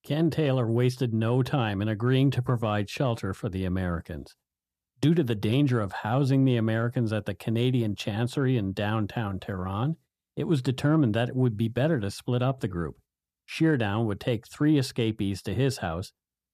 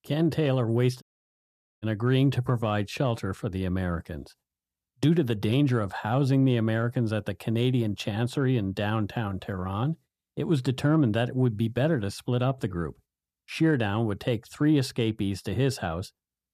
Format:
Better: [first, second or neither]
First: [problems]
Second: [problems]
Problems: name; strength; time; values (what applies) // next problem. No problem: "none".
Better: first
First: none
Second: audio cutting out; at 1 s for 1 s